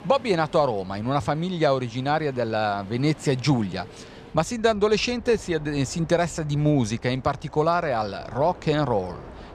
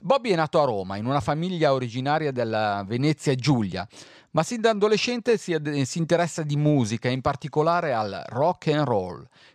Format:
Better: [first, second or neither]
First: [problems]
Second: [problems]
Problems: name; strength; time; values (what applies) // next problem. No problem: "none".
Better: second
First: train or aircraft noise; faint; throughout; 20 dB below the speech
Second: none